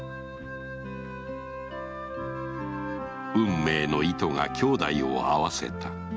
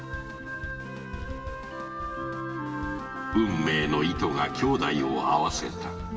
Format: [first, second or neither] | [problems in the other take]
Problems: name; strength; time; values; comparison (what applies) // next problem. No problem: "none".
first | background sound (Drum kit); 13 dB below the speech // room echo; dies away in 1.4 s